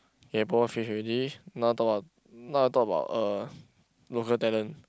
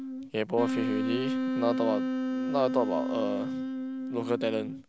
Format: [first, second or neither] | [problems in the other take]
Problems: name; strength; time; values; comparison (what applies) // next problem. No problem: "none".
first | background sound (Wind instrument, woodwind instrument); as loud as the speech